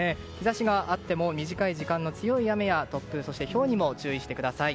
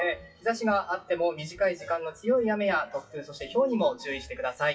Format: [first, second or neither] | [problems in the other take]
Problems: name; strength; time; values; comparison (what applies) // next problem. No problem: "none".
first | noise reduction (classical method WPE with log-MMSE)